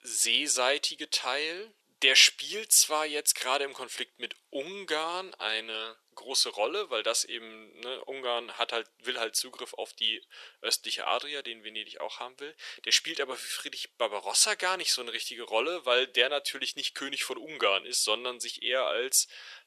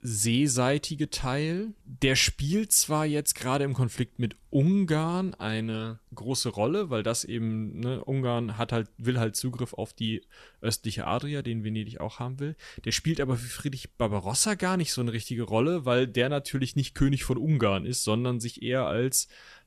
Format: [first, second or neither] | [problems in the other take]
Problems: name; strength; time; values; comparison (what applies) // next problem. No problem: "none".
second | thin; very; fading below 450 Hz